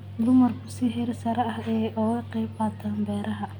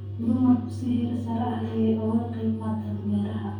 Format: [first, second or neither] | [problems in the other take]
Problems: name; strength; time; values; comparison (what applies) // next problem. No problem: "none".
first | room echo; dies away in 0.6 s